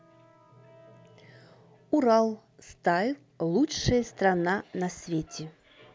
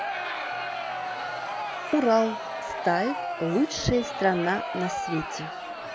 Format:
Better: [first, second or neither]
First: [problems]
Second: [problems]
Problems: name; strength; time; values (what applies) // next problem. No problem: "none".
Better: first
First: none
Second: background sound (Crowd); 4 dB below the speech